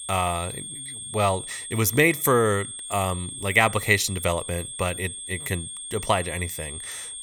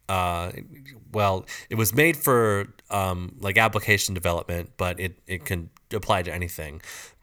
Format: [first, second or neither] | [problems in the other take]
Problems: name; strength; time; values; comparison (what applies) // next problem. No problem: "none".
second | high-pitched whine; loud; throughout; 8.5 kHz, 9 dB below the speech